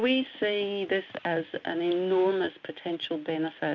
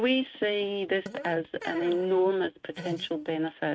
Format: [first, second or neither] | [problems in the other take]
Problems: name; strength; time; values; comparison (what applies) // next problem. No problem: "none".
first | noise reduction (neural mask model RNNoise)